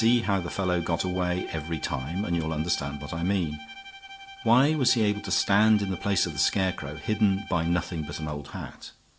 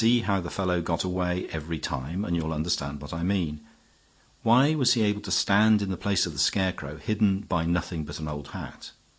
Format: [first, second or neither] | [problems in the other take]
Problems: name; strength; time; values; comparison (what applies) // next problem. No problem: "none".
second | background sound (Bowed string instrument); 16 dB below the speech